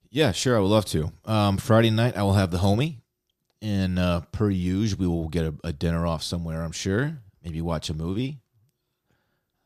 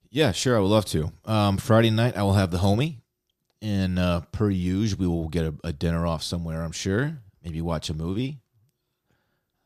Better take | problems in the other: neither | none

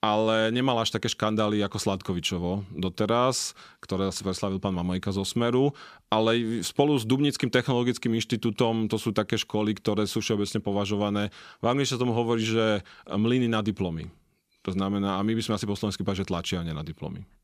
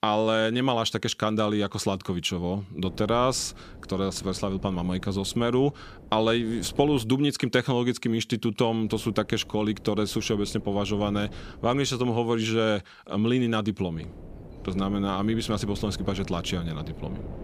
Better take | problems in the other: first | wind noise on the microphone; occasional gusts; from 3 to 7 s, from 9 to 12 s and from 14 s on; 20 dB below the speech

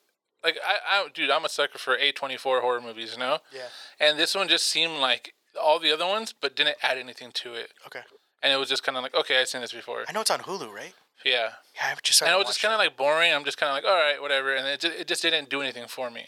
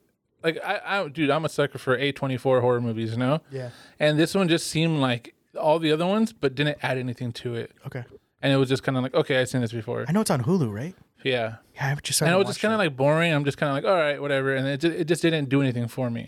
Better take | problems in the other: second | thin; very; fading below 700 Hz

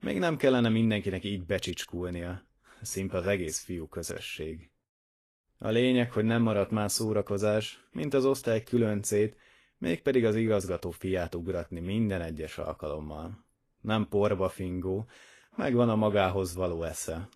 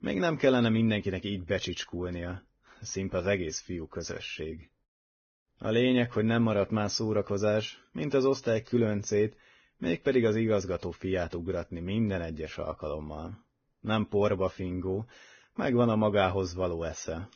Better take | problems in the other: first | garbled, watery; badly; nothing above 6.5 kHz; slightly in the first

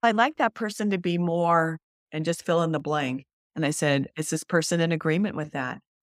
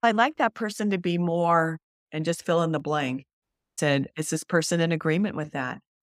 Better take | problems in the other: first | audio cutting out; at 3.5 s

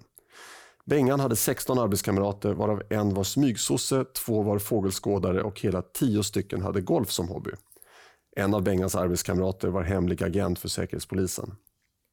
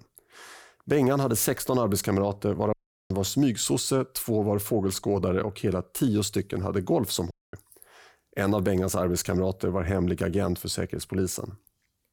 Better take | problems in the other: first | audio cutting out; at 2.5 s and at 7.5 s

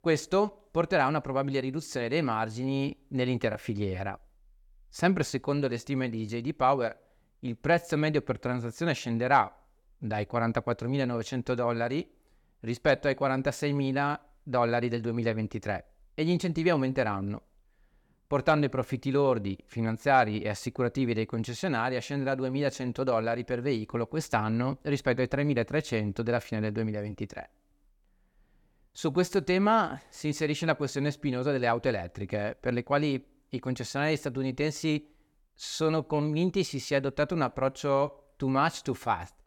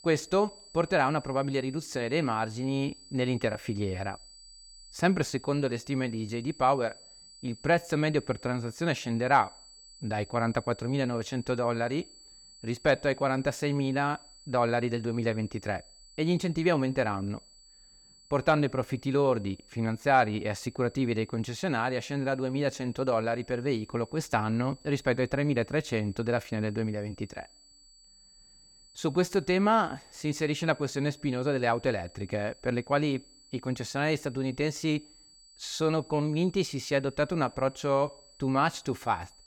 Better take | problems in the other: first | high-pitched whine; faint; throughout; 4.5 kHz, 25 dB below the speech

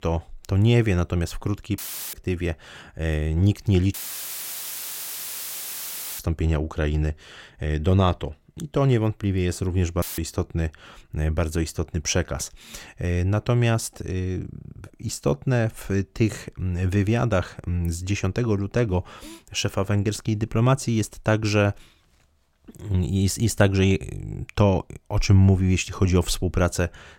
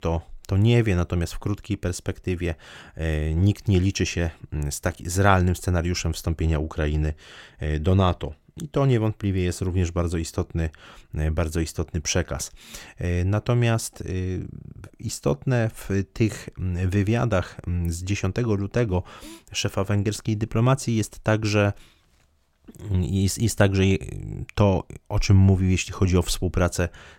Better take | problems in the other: second | audio cutting out; filled with static; at 2 s, at 4 s for 2.5 s and at 10 s

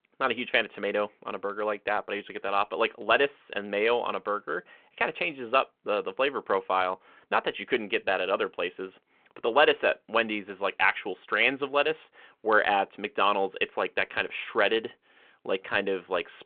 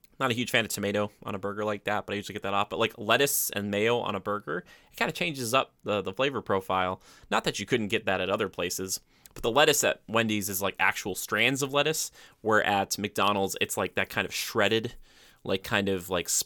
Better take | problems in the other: second | phone-call audio

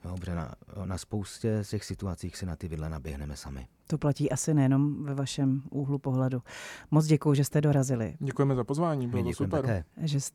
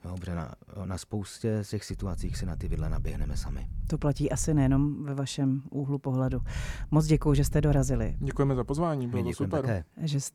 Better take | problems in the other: first | low rumble; faint; from 2 to 5 s and from 6.5 to 9 s; 20 dB below the speech

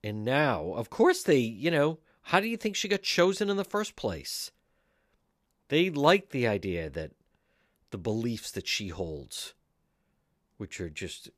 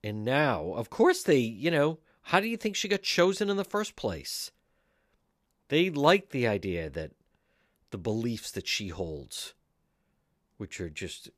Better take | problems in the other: neither | none

